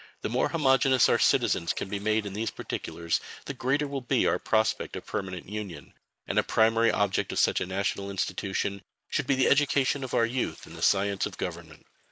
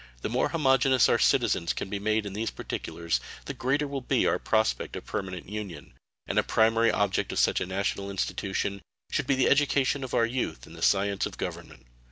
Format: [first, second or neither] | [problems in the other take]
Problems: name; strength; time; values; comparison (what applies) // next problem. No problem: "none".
second | noise reduction (neural mask model Resemble Enhance denoiser)